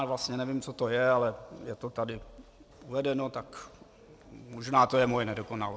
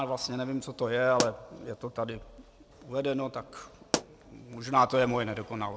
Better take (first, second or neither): first